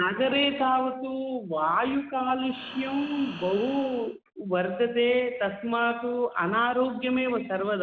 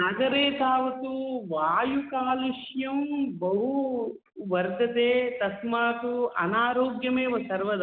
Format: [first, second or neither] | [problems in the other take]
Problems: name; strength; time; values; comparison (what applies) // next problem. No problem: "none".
second | background sound (Breathing); 15 dB below the speech